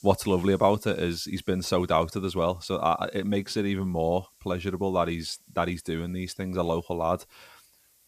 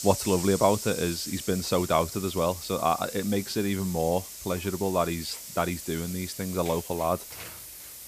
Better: first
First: hiss; faint; throughout; 30 dB below the speech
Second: hiss; loud; throughout; 9 dB below the speech

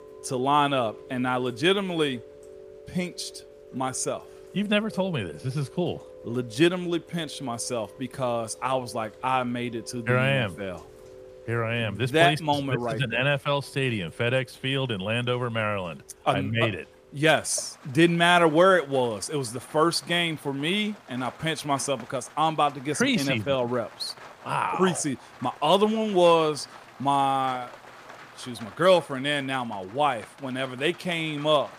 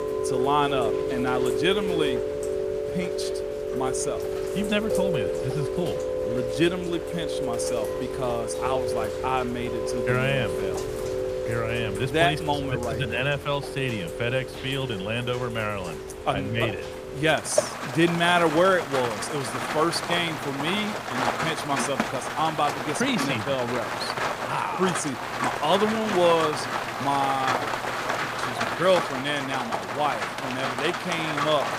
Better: first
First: rain or running water; faint; throughout; 20 dB below the speech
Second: rain or running water; loud; throughout; 2 dB below the speech

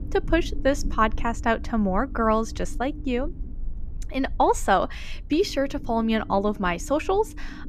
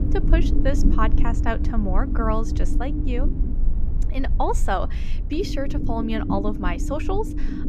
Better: first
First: low rumble; faint; throughout; 25 dB below the speech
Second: low rumble; loud; throughout; 8 dB below the speech

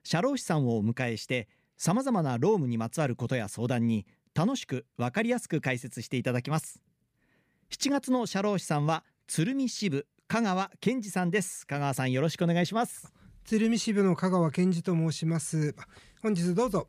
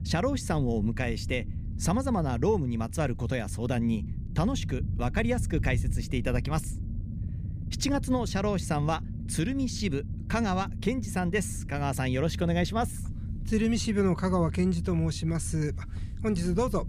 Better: first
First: none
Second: low rumble; noticeable; throughout; 15 dB below the speech

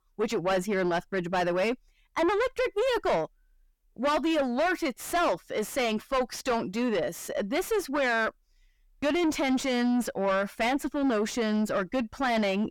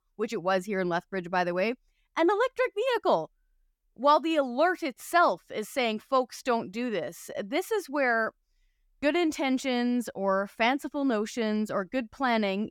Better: second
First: distortion; heavy; 5 dB below the speech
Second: none

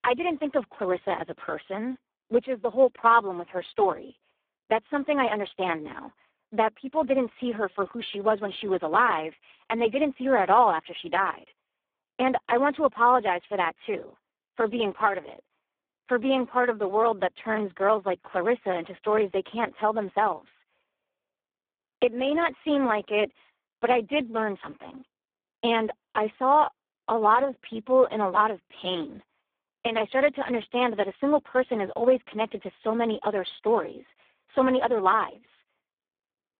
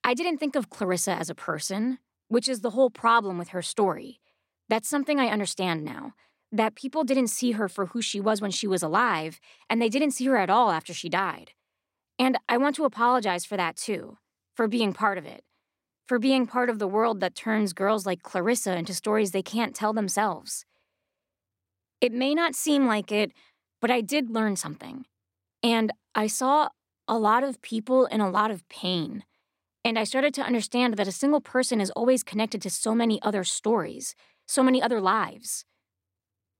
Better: second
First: phone-call audio; poor line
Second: none

